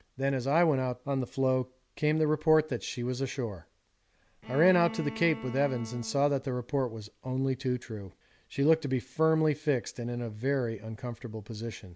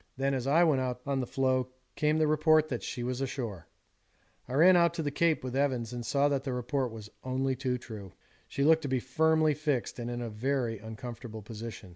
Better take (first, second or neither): second